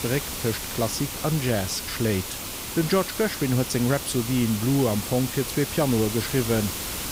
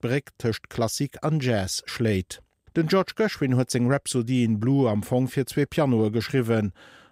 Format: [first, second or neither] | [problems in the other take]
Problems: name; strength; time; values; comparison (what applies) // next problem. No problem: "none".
second | hiss; loud; throughout; 5 dB below the speech